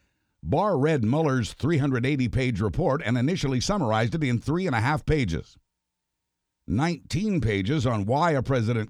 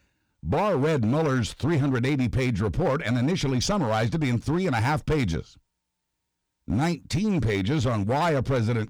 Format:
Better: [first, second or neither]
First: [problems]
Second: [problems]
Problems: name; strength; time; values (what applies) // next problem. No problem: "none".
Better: first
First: none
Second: distortion; slight; 11% of the sound clipped